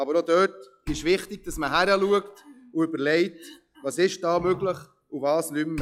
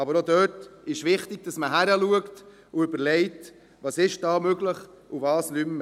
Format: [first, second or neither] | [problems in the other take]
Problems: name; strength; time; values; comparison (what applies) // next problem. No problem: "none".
second | noise reduction (classical method log-MMSE)